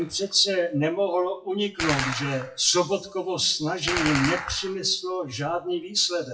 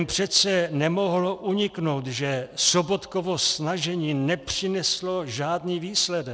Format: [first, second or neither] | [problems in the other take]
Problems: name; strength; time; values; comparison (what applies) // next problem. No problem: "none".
second | noise reduction (classical method WPE with log-MMSE)